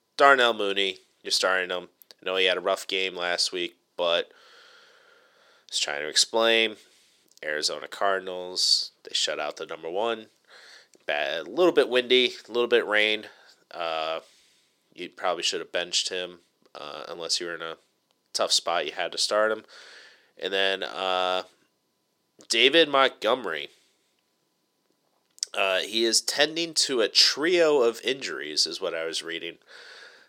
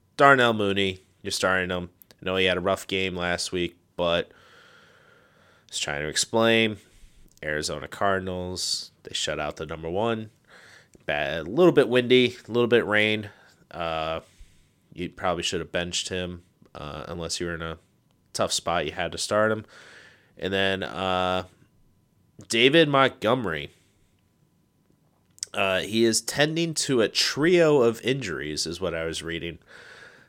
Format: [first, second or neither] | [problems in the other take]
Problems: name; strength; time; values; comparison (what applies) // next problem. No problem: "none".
second | thin; somewhat; fading below 450 Hz